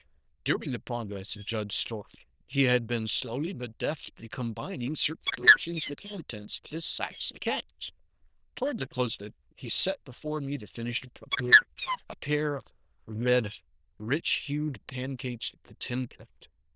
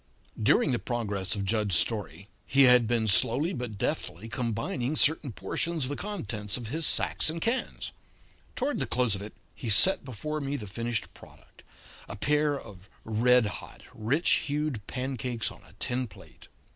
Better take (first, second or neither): second